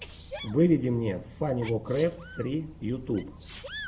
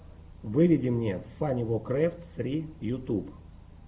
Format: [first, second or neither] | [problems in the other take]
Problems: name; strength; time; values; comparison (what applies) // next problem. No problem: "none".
second | background sound (Sneeze); 17 dB below the speech